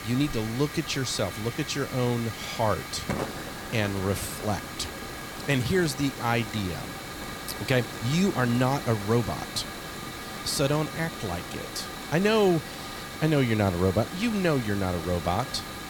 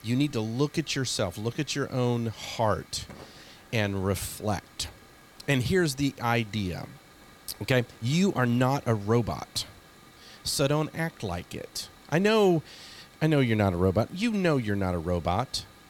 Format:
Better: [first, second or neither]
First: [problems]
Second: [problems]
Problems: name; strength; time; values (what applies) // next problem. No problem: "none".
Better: second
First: hiss; loud; throughout; 8 dB below the speech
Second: hiss; faint; throughout; 25 dB below the speech